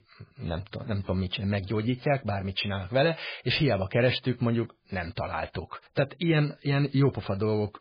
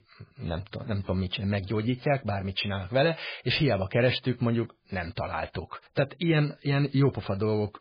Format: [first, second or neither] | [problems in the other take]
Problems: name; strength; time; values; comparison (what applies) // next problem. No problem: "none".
neither | garbled, watery; badly; nothing above 4.5 kHz; the same in both